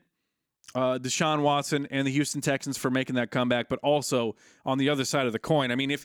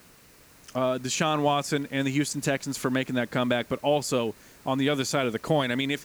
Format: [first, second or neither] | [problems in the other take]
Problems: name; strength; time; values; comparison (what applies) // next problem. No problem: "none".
first | hiss; faint; throughout; 25 dB below the speech